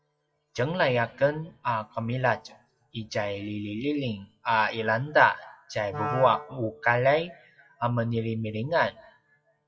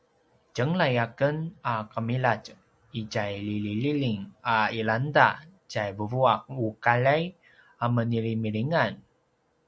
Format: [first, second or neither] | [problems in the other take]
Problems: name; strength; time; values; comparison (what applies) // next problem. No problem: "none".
second | noise reduction (classical method WPE with log-MMSE)